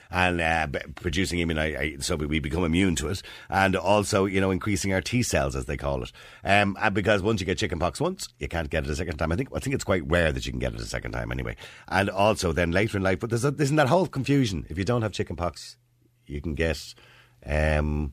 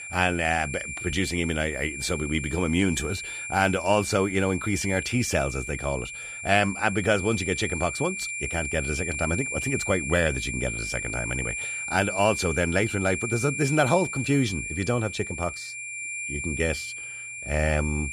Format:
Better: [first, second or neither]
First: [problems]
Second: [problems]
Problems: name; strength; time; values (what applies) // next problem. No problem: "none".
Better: first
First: none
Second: high-pitched whine; loud; throughout; 2.5 kHz, 5 dB below the speech